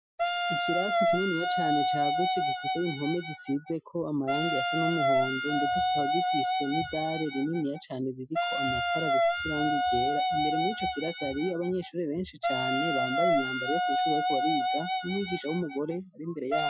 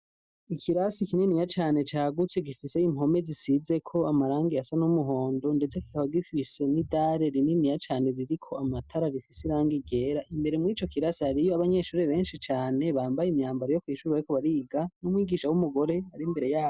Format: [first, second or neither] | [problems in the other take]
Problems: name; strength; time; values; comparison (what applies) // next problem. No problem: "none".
second | noise reduction (classical method Wiener filter)